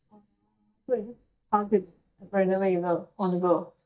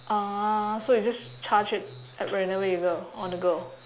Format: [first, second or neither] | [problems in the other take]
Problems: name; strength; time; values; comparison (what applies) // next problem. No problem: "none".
second | noise reduction (neural mask model DeepFilterNet 3)